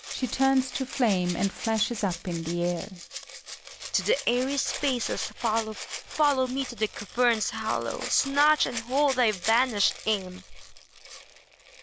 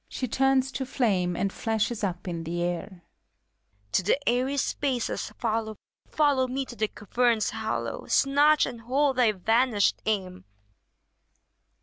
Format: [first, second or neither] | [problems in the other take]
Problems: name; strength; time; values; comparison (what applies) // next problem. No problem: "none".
second | background sound (Rattle (instrument)); 11 dB below the speech